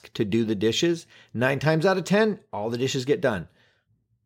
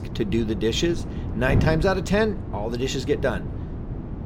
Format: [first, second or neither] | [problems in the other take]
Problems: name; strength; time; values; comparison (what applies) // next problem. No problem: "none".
first | wind noise on the microphone; occasional gusts; 10 dB below the speech